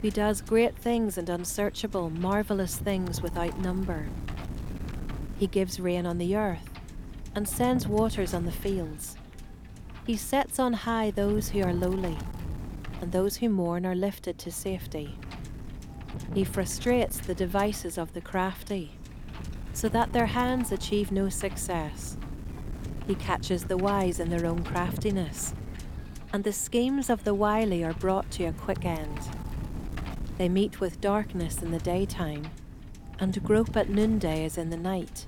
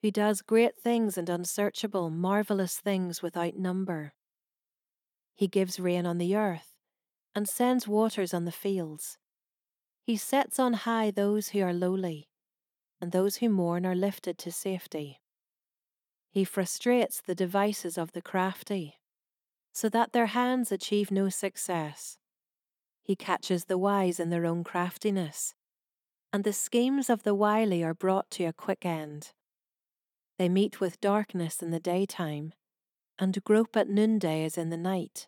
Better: second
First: wind noise on the microphone; occasional gusts; 15 dB below the speech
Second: none

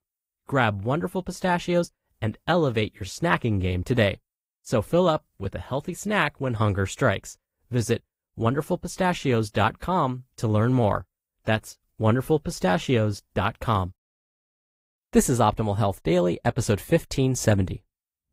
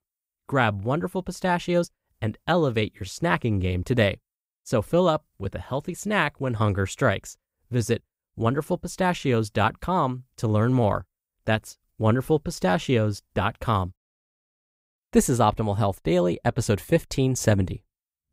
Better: second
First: garbled, watery; slightly; nothing above 15.5 kHz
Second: none

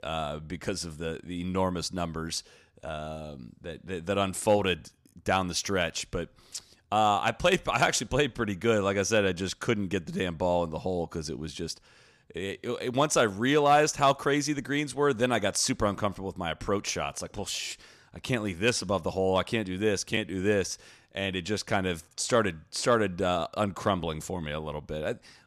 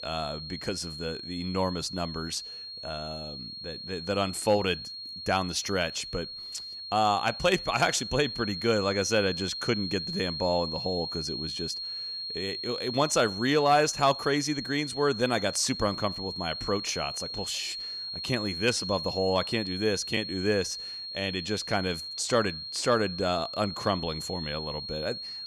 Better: first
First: none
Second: high-pitched whine; loud; throughout; 4.5 kHz, 6 dB below the speech

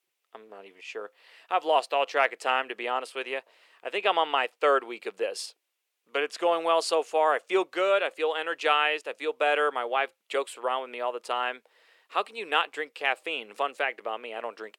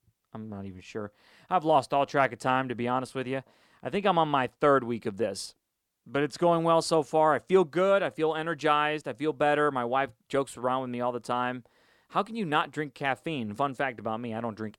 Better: second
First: thin; very; fading below 400 Hz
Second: none

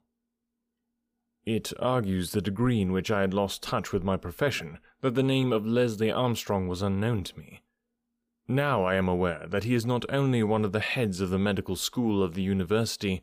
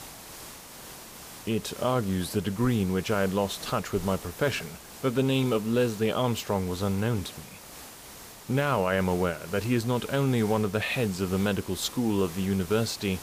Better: first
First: none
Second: hiss; noticeable; throughout; 15 dB below the speech

